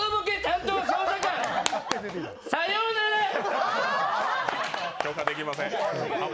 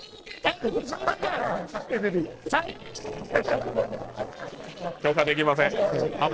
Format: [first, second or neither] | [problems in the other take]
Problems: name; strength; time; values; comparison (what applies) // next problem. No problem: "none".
first | noise reduction (neural separator model SepFormer DNS4)